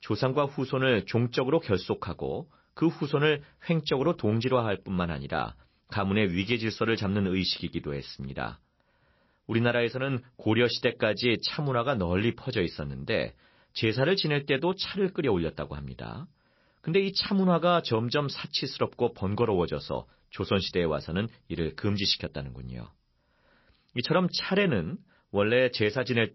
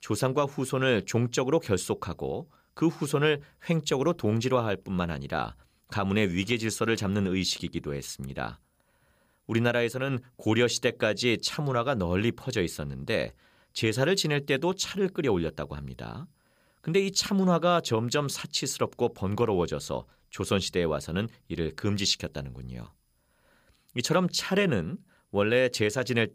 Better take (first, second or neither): second